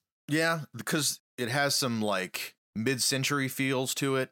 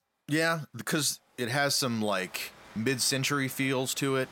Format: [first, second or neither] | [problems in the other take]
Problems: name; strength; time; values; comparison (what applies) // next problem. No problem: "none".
first | crowd noise; faint; throughout; 25 dB below the speech